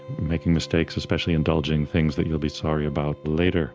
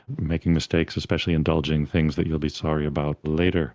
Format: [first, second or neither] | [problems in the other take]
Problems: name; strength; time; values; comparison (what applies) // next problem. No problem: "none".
second | background sound (Bowed string instrument + Bowed string instrument); 20 dB below the speech